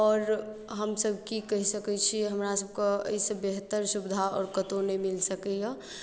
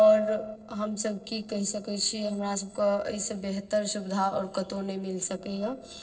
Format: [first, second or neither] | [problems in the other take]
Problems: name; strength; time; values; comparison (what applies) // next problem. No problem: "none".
first | noise reduction (neural separator model SepFormer DNS4)